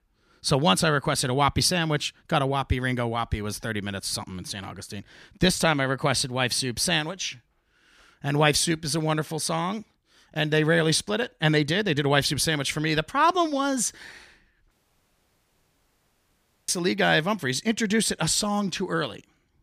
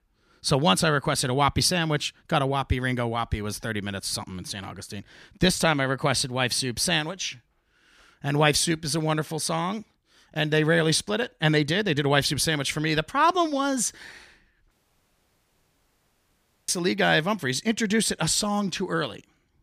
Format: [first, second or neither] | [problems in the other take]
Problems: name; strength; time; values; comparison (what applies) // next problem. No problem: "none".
neither | audio cutting out; at 15 s for 2 s; the same in both